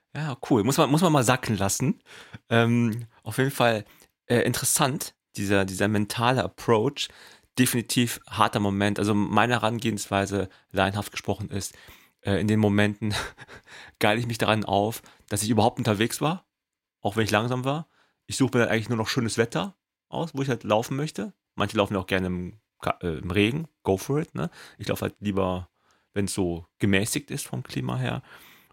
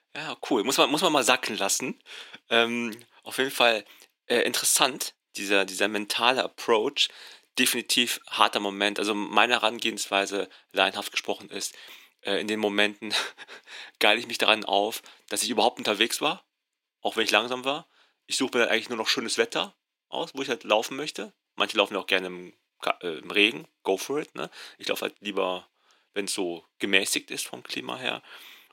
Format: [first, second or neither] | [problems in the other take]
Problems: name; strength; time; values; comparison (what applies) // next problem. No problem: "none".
first | thin; somewhat; fading below 300 Hz